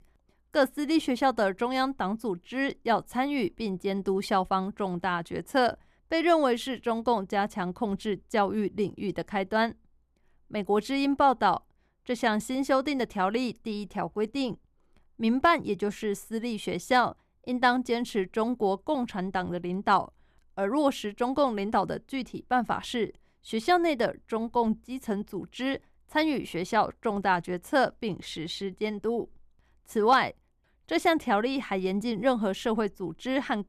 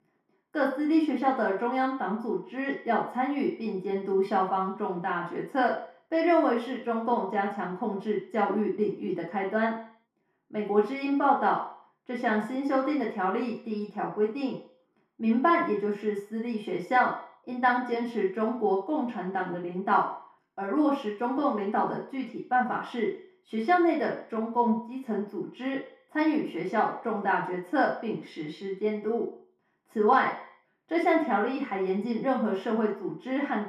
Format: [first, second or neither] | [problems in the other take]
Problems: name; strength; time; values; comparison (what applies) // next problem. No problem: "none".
first | room echo; noticeable; dies away in 0.5 s // off-mic speech; far